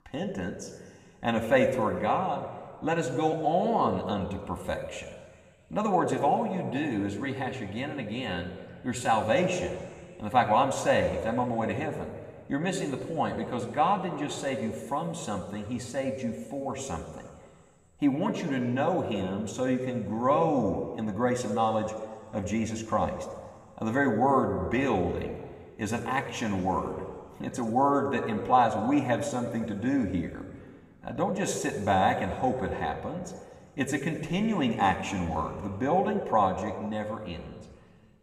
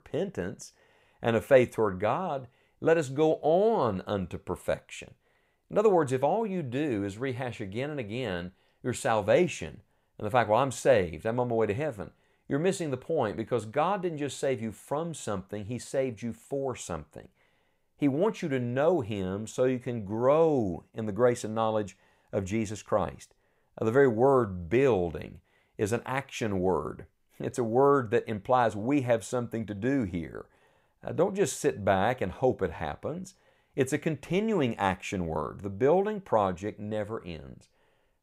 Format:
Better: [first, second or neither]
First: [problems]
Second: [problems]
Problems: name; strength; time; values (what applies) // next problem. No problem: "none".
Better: second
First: room echo; slight; dies away in 1.8 s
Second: none